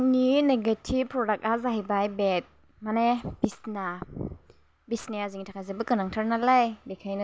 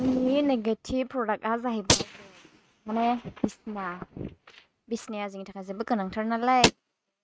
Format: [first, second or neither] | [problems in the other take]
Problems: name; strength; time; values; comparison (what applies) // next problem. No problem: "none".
first | noise reduction (neural mask model RNNoise)